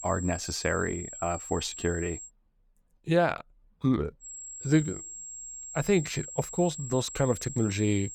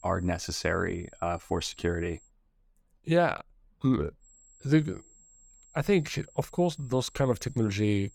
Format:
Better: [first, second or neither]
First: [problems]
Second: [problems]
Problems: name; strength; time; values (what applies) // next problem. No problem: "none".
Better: second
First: high-pitched whine; loud; until 2.5 s and from 4 s on; 7.5 kHz, 10 dB below the speech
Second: high-pitched whine; faint; until 2.5 s and from 4 s on; 7.5 kHz, 25 dB below the speech